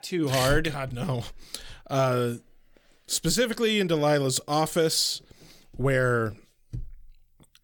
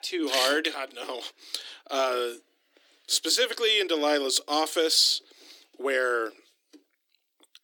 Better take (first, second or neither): first